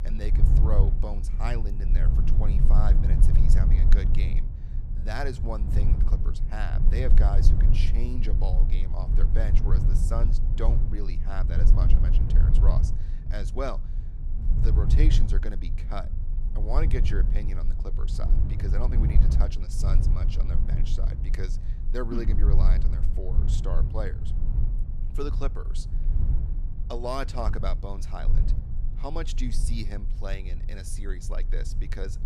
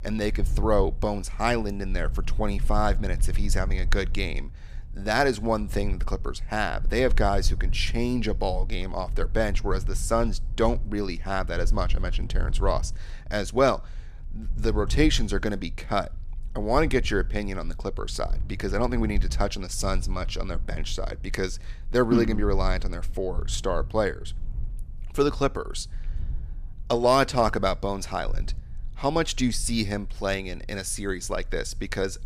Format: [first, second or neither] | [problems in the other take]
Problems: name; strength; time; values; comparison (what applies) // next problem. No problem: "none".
second | low rumble; loud; throughout; 5 dB below the speech; faint in the second